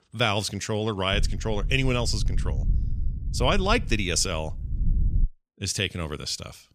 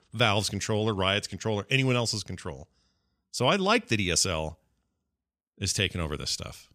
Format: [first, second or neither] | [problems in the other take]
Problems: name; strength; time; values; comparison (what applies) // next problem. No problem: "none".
second | low rumble; faint; from 1 to 5.5 s; 20 dB below the speech